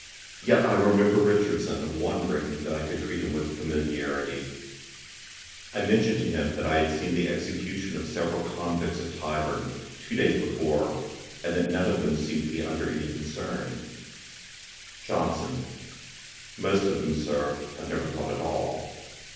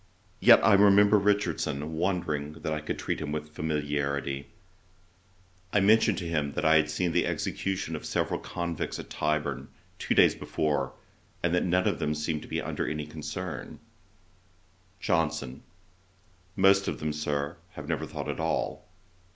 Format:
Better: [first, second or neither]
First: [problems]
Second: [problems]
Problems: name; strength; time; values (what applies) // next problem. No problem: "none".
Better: second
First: background sound (Bathtub (filling or washing)); 17 dB below the speech // room echo; dies away in 1.1 s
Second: none